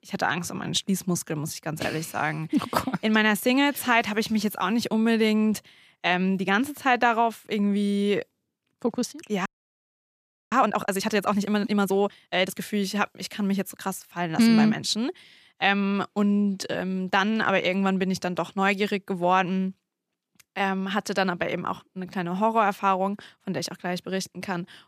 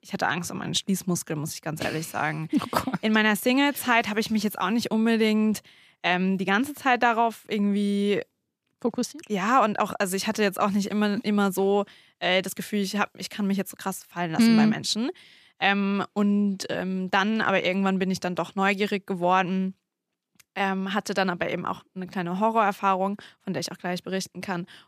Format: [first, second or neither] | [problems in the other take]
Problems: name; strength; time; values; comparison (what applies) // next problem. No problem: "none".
second | audio freezing; at 9.5 s for 1 s